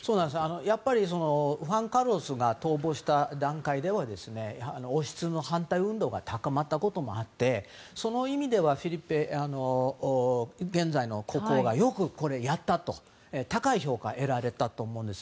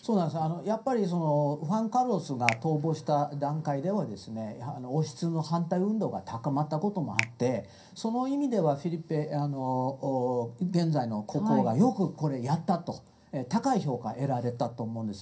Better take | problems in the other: first | background sound (Finger snapping); 12 dB below the speech // room echo; dies away in 0.3 s

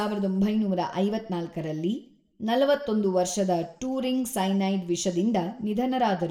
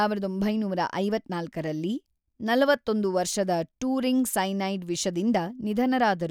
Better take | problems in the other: second | room echo; dies away in 0.5 s

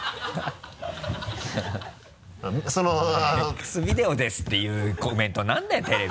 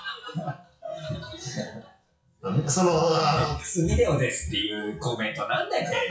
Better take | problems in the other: first | noise reduction (classical method WPE with log-MMSE)

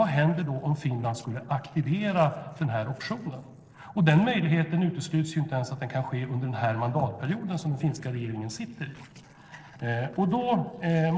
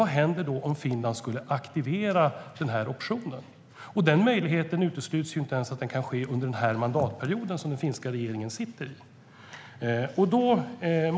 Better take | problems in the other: second | noise reduction (neural separator model SepFormer DNS4)

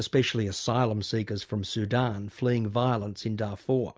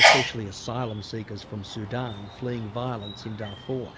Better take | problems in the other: first | background sound (Sneeze); 5 dB above the speech

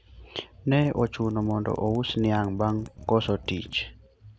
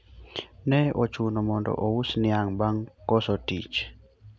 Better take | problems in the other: second | background sound (Mechanisms); 19 dB below the speech

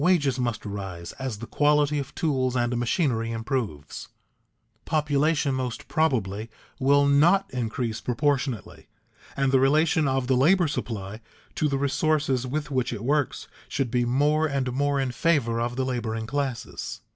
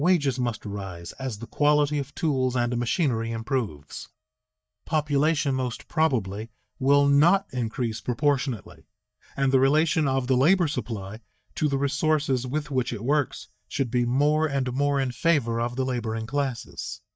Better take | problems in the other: first | noise reduction (neural mask model DeepFilterNet 3)

